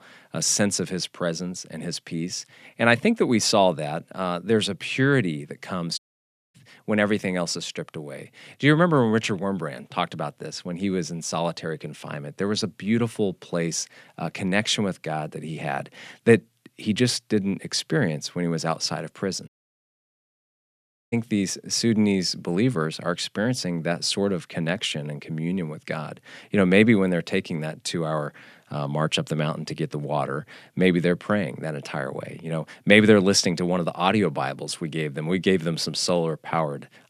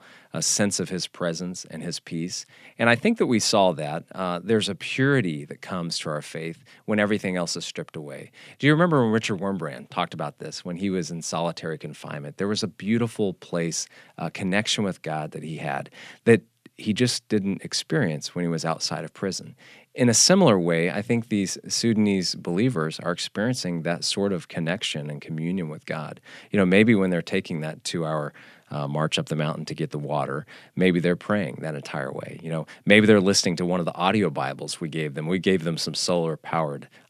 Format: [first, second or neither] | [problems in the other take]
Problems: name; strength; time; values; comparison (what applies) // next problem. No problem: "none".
second | audio cutting out; at 6 s for 0.5 s and at 19 s for 1.5 s